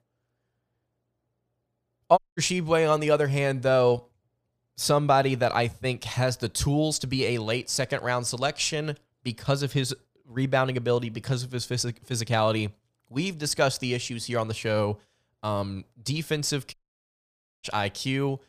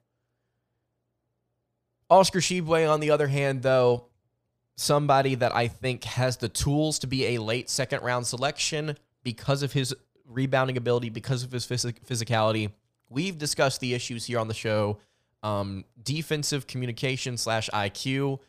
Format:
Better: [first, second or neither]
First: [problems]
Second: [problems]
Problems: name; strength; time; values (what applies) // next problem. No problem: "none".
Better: second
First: audio cutting out; at 2 s and at 17 s for 1 s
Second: none